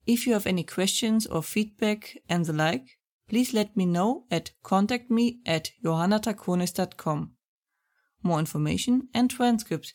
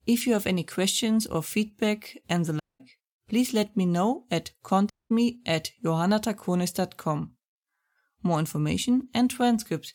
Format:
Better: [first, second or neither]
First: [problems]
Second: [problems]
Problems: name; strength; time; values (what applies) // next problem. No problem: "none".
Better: first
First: none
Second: audio cutting out; at 2.5 s and at 5 s